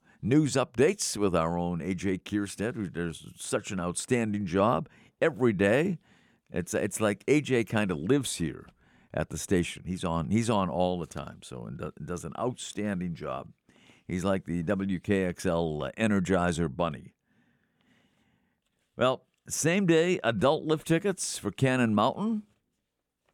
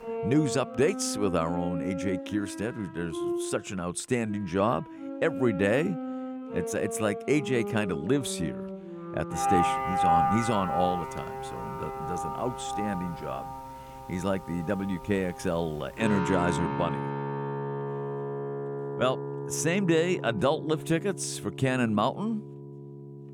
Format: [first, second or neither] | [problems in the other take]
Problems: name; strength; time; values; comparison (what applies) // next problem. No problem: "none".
first | background music; loud; throughout; 4 dB below the speech